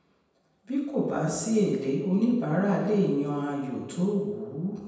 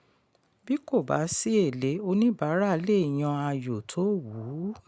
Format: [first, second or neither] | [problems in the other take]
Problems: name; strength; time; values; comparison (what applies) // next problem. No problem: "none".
second | room echo; dies away in 1.1 s